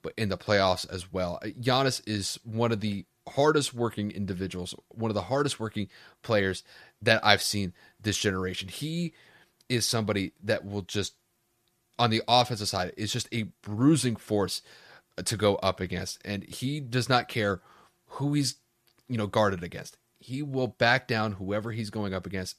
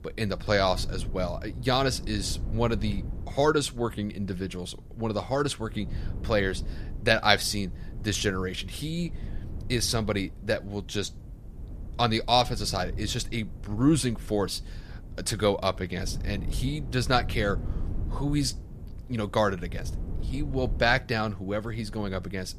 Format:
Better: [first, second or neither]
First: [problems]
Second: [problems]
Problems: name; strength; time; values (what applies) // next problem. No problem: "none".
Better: first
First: none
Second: wind noise on the microphone; occasional gusts; 20 dB below the speech